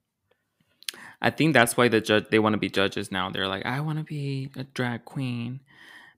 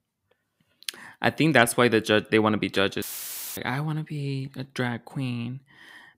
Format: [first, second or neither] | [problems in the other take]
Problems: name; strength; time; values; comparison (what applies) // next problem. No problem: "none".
first | audio cutting out; filled with static; at 3 s for 0.5 s